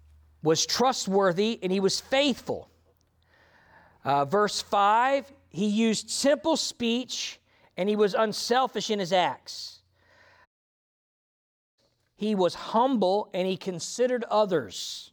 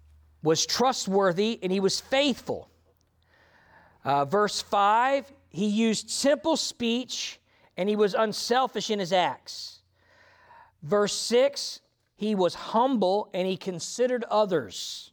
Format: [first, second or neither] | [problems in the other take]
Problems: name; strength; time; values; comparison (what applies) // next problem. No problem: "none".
second | audio cutting out; at 10 s for 1.5 s